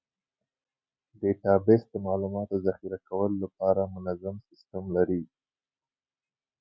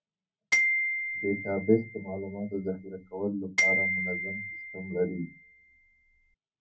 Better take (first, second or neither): first